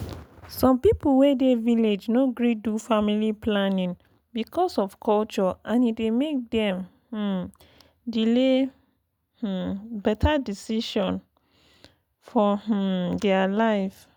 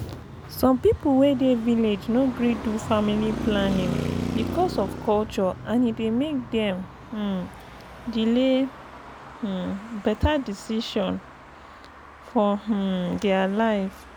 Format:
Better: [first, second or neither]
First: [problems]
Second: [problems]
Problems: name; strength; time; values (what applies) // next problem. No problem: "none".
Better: first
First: none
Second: background sound (Traffic noise, roadway noise); 10 dB below the speech